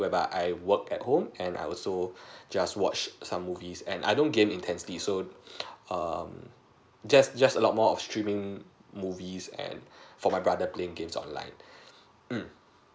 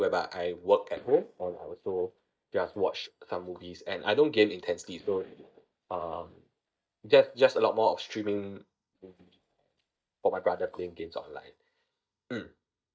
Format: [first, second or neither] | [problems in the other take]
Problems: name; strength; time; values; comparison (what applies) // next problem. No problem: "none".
first | noise reduction (neural mask model DeepFilterNet 3)